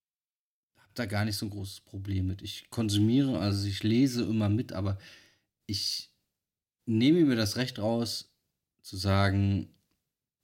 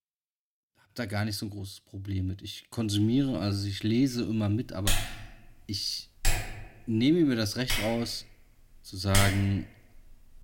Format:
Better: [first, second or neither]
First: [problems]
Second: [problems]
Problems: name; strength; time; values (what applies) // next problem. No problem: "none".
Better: first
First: none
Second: keyboard typing; loud; from 5 to 9.5 s; peak 1 dB above the speech